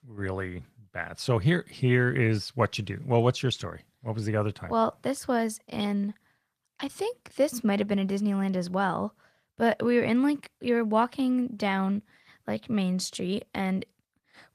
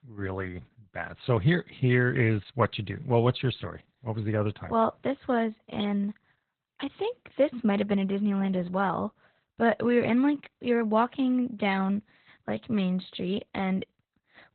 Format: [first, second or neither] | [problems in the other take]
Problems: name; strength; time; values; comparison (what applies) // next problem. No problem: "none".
first | garbled, watery; badly; nothing above 4 kHz; slightly in the first